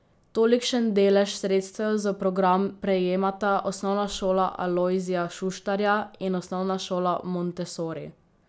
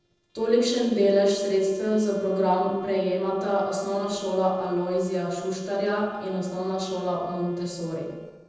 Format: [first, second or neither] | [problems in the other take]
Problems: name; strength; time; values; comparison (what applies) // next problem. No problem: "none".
first | noise reduction (neural separator model SepFormer DNS4)